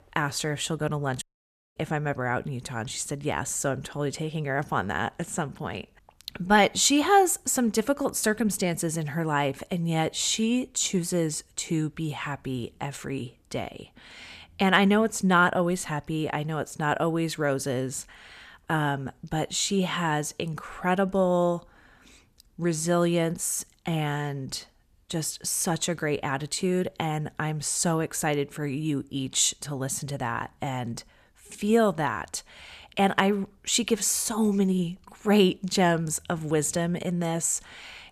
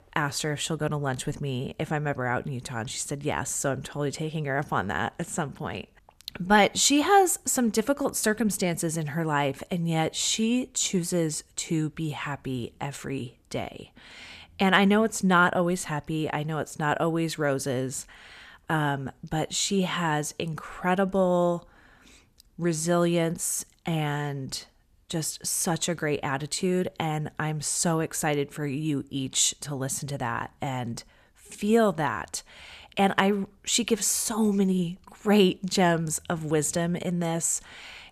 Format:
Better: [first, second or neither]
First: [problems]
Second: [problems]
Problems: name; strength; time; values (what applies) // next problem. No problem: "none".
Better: second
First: audio cutting out; at 1 s for 0.5 s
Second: none